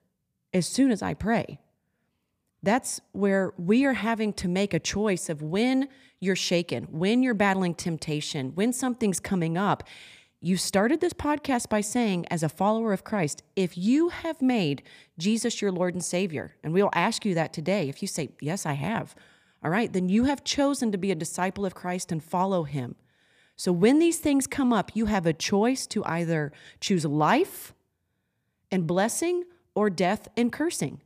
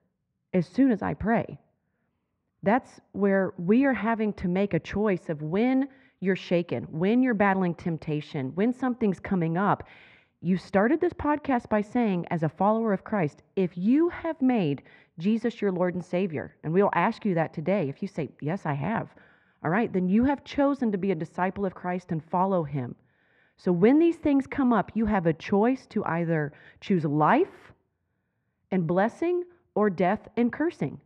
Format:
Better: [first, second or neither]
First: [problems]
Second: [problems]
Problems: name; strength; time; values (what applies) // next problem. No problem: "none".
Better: first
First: none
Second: muffled; very; fading above 1.5 kHz